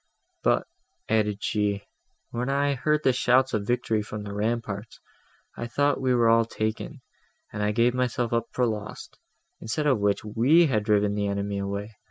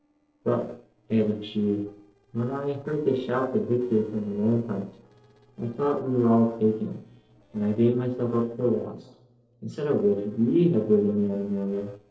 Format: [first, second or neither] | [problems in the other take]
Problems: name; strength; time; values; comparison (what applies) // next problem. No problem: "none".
first | noise reduction (neural separator model SepFormer DNS4)